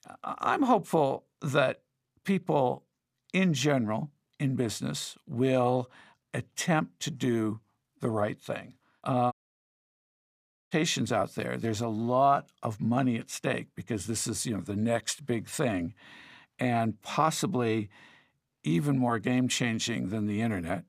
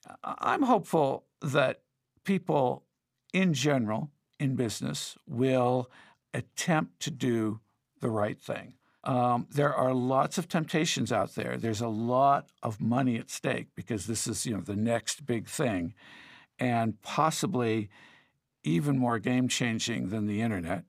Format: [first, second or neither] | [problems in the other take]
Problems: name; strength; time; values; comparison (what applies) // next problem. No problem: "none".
second | audio cutting out; at 9.5 s for 1.5 s